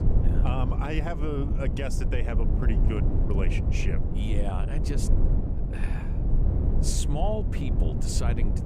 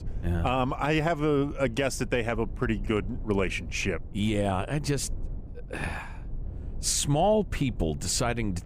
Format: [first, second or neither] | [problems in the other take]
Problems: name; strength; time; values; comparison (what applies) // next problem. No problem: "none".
second | low rumble; loud; throughout; 4 dB below the speech; faint in the second